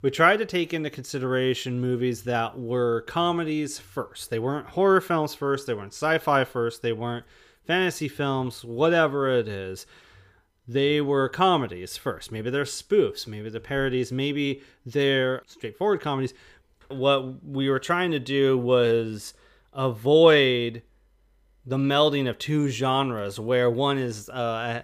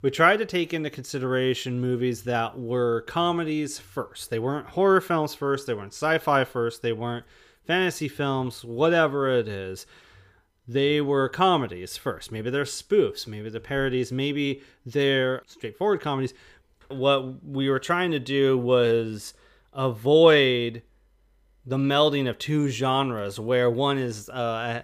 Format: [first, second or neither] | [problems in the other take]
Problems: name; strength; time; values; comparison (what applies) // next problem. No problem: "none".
neither | none